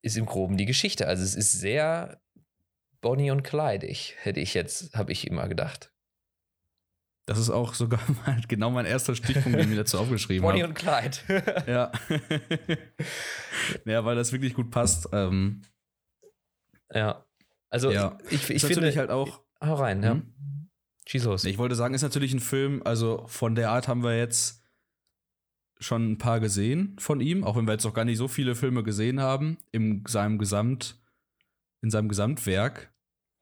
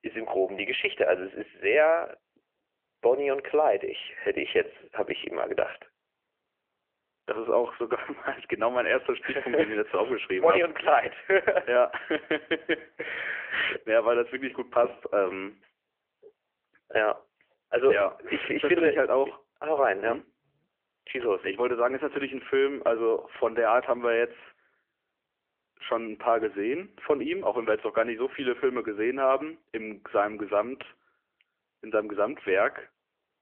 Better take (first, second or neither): first